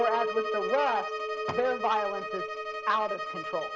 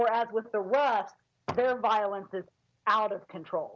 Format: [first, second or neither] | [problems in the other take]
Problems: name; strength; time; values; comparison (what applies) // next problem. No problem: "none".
second | background sound (Bowed string instrument + Chink, clink); 3 dB below the speech